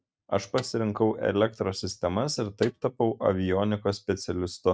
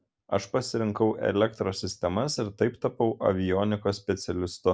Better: second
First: noise reduction (neural mask model RNNoise)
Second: none

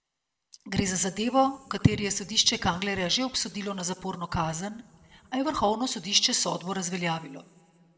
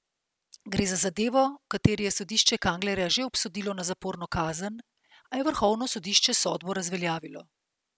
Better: second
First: room echo; dies away in 2 s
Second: none

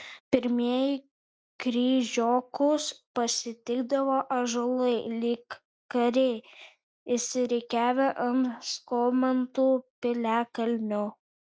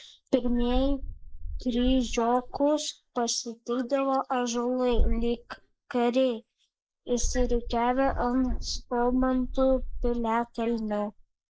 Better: first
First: none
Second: noise reduction (neural mask model Resemble Enhance denoiser)

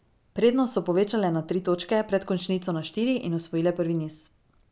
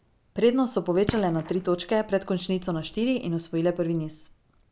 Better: first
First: none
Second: background sound (Fireworks); 15 dB below the speech

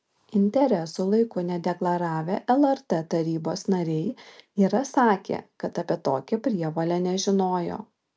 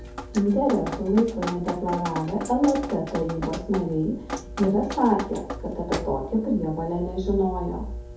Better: first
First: none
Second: background sound (Drip); 9 dB below the speech // room echo; dies away in 0.5 s

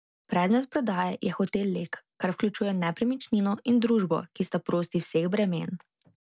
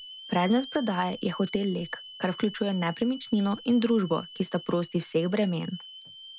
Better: first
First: none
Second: background sound (Hiss / Alarm); 17 dB below the speech

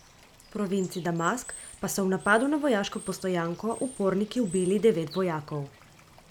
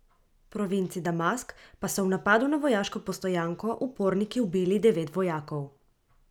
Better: second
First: background sound (Water / Bird); 20 dB below the speech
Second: none

